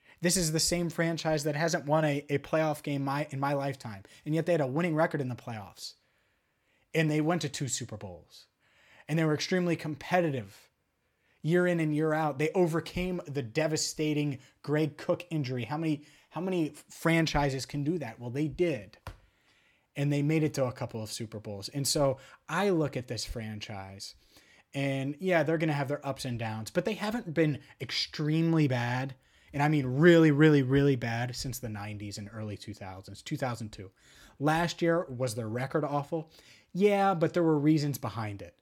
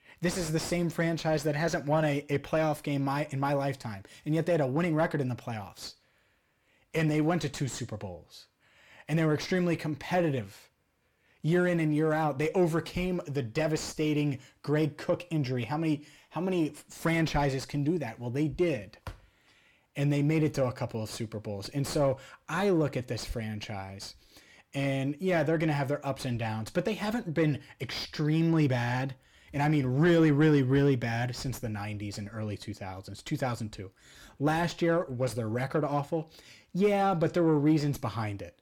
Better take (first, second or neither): first